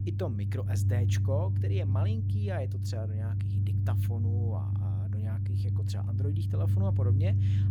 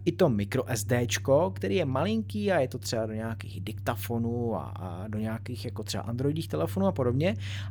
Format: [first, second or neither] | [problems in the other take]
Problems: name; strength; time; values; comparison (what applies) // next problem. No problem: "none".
second | low rumble; loud; throughout; 1 dB below the speech; faint in the second